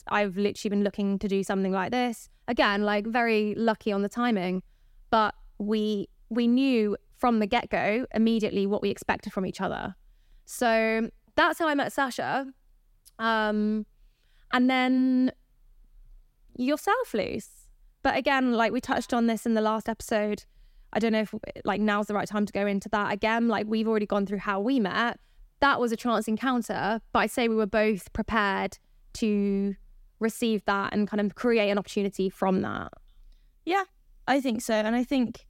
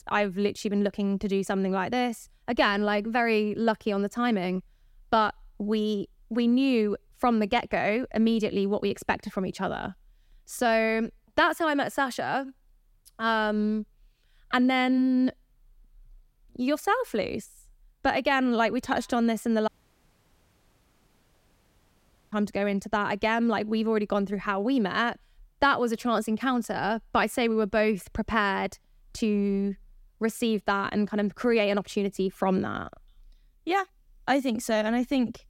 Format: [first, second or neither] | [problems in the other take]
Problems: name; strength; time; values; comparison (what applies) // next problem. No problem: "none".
first | audio cutting out; at 20 s for 2.5 s